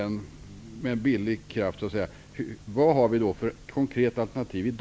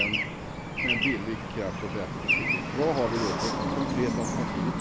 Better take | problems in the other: first | background sound (Traffic noise, roadway noise / Bird); 3 dB above the speech

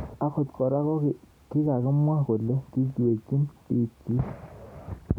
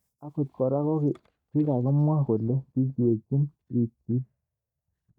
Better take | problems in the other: first | noise reduction (neural mask model DeepFilterNet 3)

